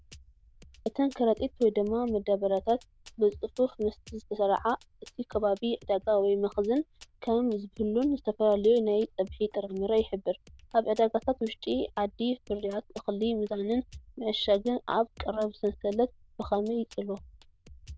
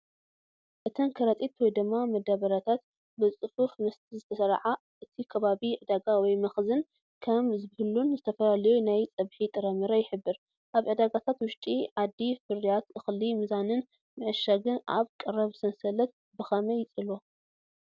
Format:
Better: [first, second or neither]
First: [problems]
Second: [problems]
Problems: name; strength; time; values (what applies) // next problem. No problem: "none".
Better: second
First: noise reduction (neural diffusion model UNIVERSE++)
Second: none